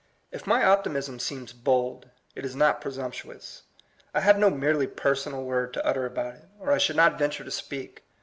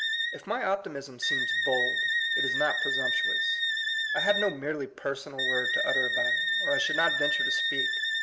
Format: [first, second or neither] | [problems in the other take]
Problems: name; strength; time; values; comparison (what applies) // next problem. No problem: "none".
first | background sound (Wind instrument, woodwind instrument); 4 dB above the speech